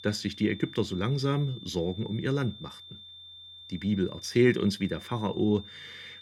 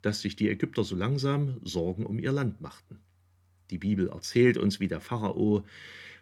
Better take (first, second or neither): second